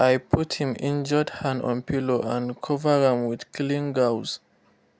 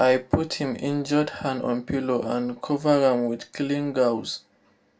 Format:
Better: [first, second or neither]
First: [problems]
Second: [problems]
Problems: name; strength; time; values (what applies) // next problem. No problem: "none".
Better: first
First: none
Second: room echo; dies away in 0.2 s